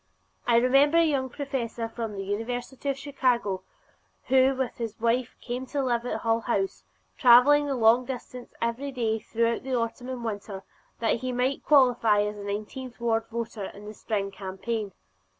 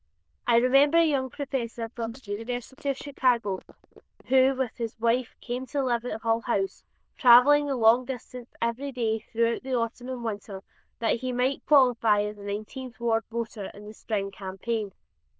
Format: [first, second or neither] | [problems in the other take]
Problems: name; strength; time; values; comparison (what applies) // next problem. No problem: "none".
first | noise reduction (neural diffusion model UNIVERSE++)